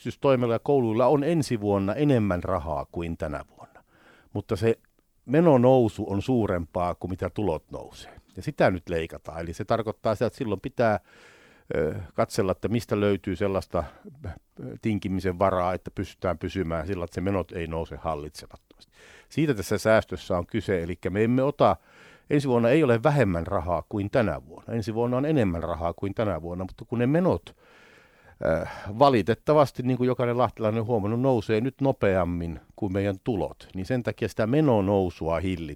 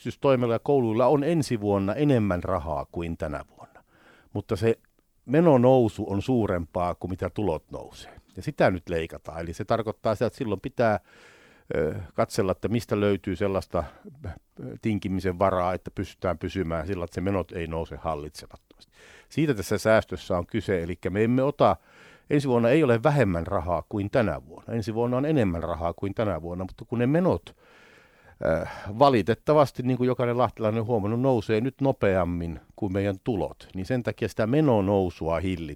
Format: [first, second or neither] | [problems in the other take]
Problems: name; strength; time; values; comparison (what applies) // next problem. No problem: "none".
neither | none